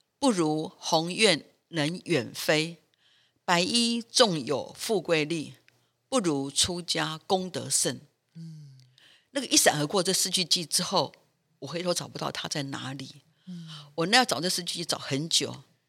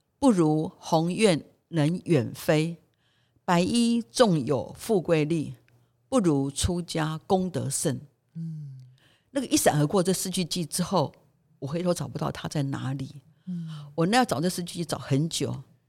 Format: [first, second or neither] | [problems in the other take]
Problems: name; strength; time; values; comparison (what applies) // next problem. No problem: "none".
second | thin; very slightly; fading below 600 Hz